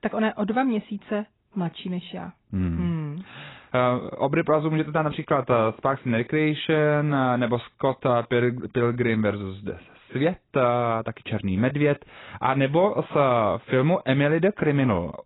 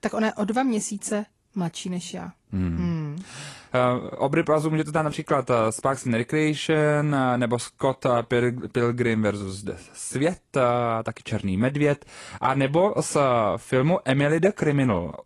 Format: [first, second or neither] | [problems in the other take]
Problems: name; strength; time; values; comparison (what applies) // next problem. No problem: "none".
second | garbled, watery; badly; nothing above 4 kHz; slightly in the second